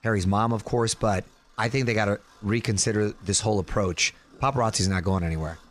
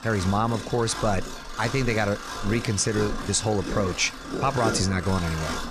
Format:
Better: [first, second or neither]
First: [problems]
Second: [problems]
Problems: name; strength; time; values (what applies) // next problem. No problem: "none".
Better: first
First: machinery noise; faint; throughout; 30 dB below the speech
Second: machinery noise; loud; throughout; 7 dB below the speech